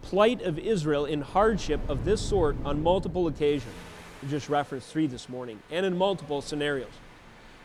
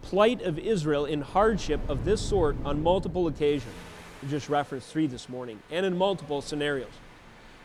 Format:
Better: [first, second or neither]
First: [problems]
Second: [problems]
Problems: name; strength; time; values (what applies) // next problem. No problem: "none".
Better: neither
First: wind in the background; noticeable; throughout; 15 dB below the speech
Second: wind in the background; noticeable; throughout; 15 dB below the speech